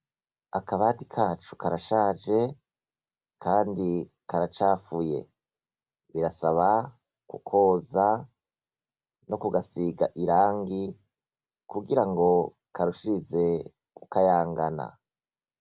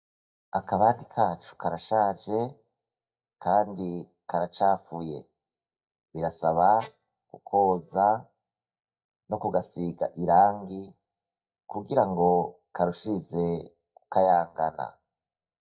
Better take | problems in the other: first | noise reduction (neural mask model DeepFilterNet 3)

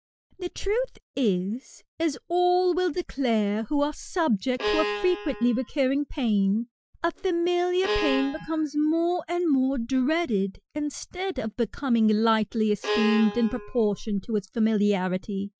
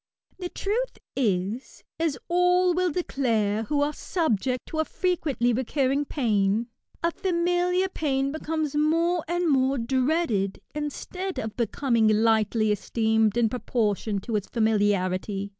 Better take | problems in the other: second | noise reduction (classical method Wiener filter)

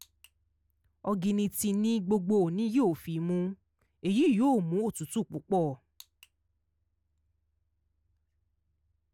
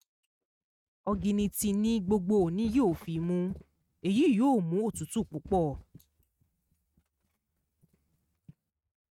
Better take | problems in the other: first | noise reduction (neural mask model RNNoise)

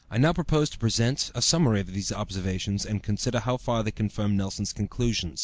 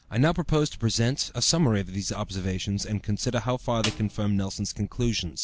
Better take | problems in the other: first | background sound (Snare drum); 13 dB below the speech

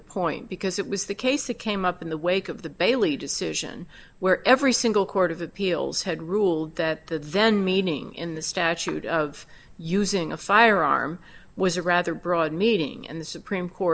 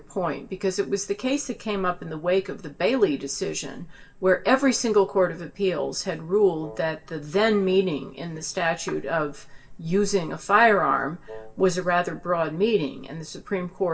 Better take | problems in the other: first | background sound (Wind instrument, woodwind instrument); 19 dB below the speech // room echo; dies away in 0.2 s

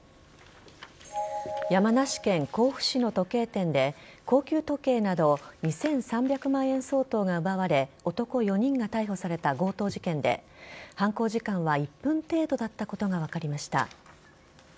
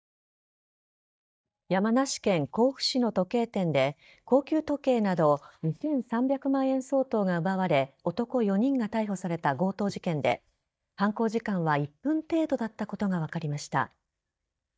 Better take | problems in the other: first | noise reduction (neural mask model DeepFilterNet 3)

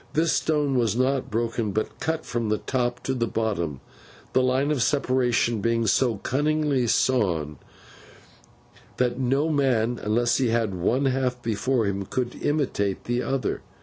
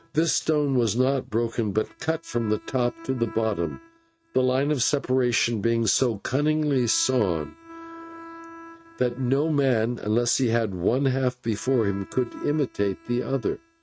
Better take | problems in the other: first | noise reduction (neural mask model RNNoise)

